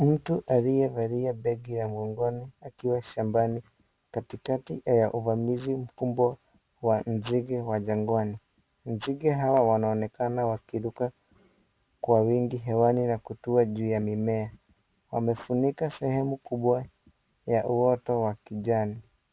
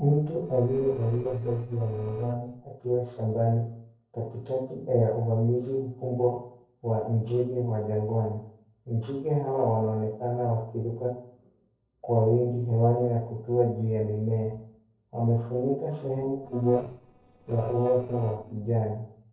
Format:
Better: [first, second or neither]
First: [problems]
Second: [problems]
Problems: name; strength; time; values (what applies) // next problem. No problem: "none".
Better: first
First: none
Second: noise reduction (neural separator model SepFormer DNS4)